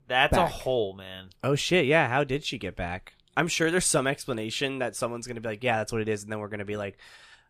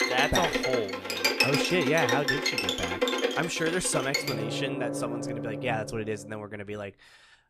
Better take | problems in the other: first | background music; very loud; until 6 s; 2 dB above the speech

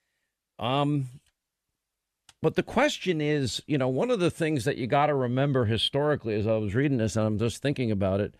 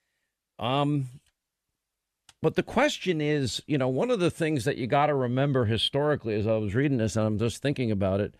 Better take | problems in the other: neither | none

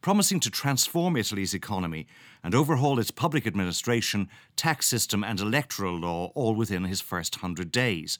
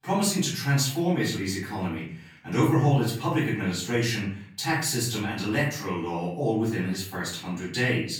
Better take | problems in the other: first | off-mic speech; far // room echo; noticeable; dies away in 0.5 s

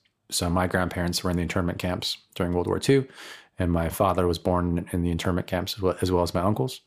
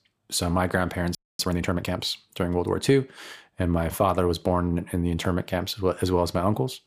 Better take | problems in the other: first | audio freezing; at 1 s

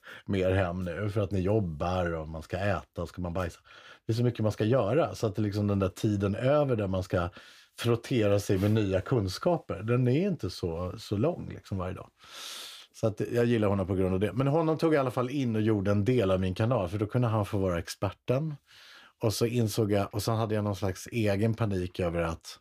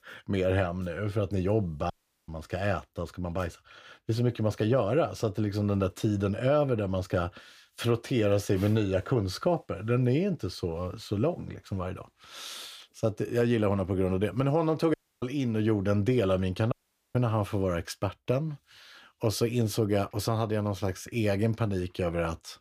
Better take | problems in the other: first | audio cutting out; at 2 s, at 15 s and at 17 s

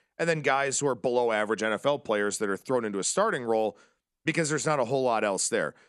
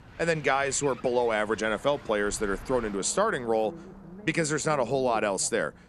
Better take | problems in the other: first | traffic noise; noticeable; throughout; 20 dB below the speech

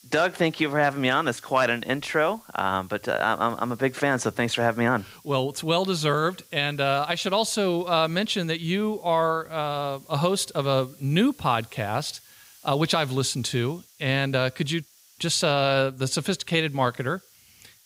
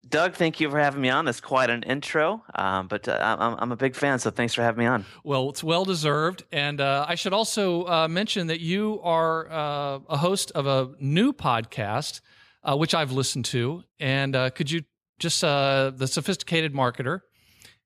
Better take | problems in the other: second | hiss; faint; throughout; 25 dB below the speech

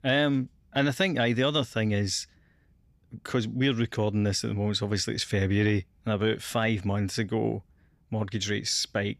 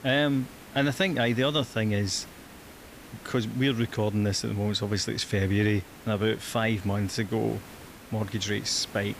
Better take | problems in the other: first | hiss; noticeable; throughout; 20 dB below the speech

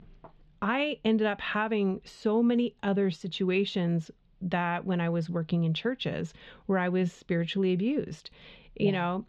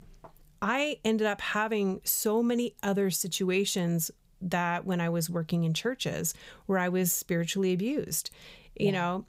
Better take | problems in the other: second | muffled; very; fading above 3.5 kHz

